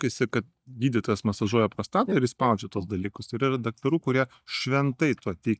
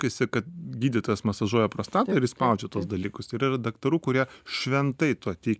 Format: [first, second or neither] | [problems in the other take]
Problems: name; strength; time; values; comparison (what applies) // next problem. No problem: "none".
second | noise reduction (neural mask model DeepFilterNet 3)